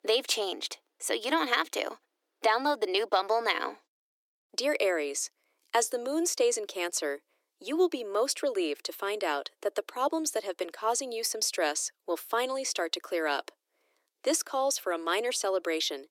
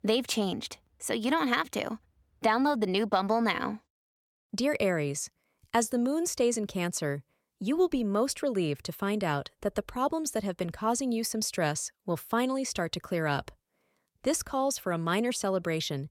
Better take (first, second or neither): second